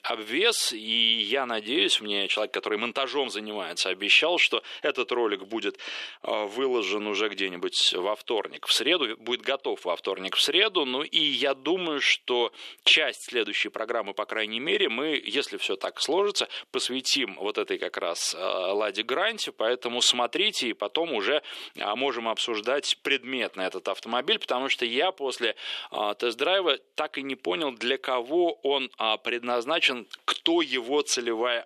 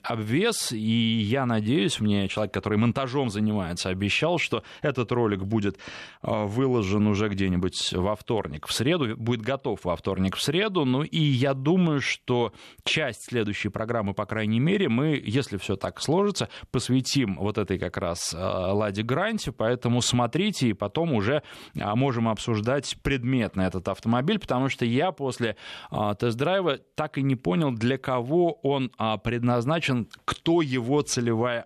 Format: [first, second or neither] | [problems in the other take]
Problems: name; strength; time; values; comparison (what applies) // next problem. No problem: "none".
second | thin; somewhat; fading below 350 Hz